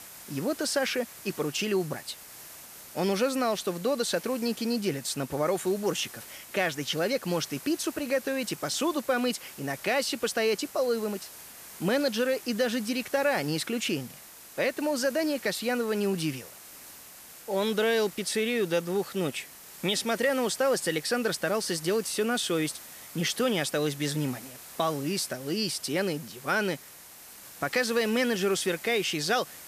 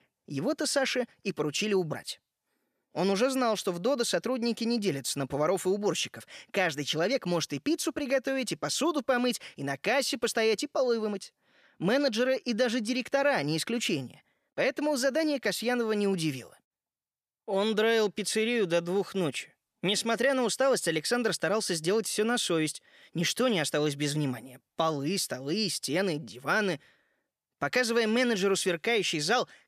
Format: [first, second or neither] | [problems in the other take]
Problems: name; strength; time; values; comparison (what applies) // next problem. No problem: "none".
second | hiss; noticeable; throughout; 15 dB below the speech